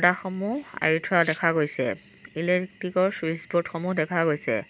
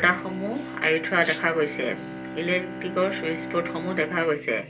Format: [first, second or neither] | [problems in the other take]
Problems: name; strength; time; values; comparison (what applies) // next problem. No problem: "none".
first | background sound (Bowed string instrument); 10 dB below the speech // room echo; dies away in 0.2 s